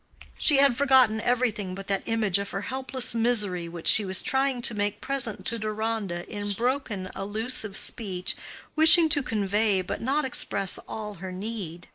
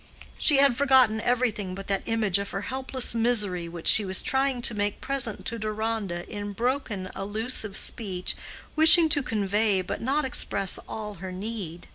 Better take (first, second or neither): second